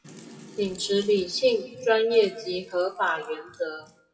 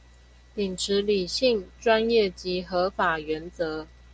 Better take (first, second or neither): second